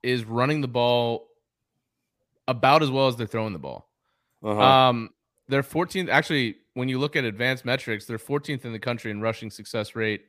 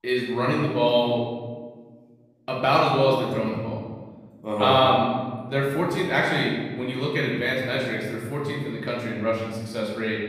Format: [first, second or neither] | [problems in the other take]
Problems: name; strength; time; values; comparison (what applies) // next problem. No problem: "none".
first | room echo; noticeable; dies away in 1.3 s // off-mic speech; far